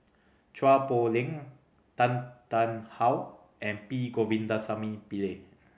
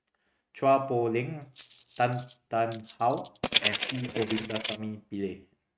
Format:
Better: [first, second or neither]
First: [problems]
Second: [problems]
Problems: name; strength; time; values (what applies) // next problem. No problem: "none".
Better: first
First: none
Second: noise reduction (neural mask model RNNoise)